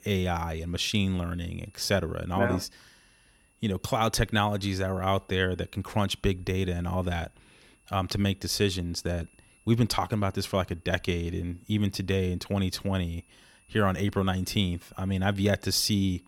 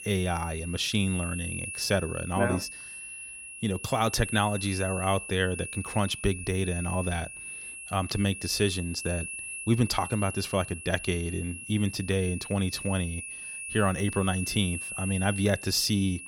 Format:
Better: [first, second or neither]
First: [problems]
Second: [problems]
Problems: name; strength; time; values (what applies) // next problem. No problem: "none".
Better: first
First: high-pitched whine; faint; throughout; 2.5 kHz, 35 dB below the speech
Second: high-pitched whine; loud; throughout; 2.5 kHz, 8 dB below the speech